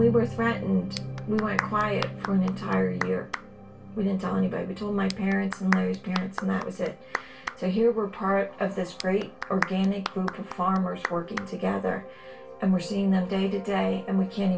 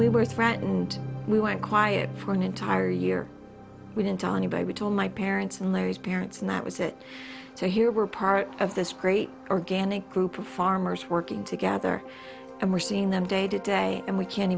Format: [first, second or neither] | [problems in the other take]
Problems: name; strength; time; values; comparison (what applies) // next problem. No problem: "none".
second | background sound (Clapping); 11 dB below the speech // room echo; dies away in 0.2 s